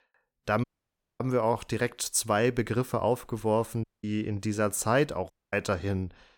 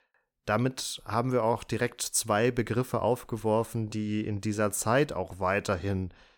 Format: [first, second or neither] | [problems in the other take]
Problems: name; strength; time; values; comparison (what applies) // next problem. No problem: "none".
second | audio cutting out; at 0.5 s for 0.5 s, at 4 s and at 5.5 s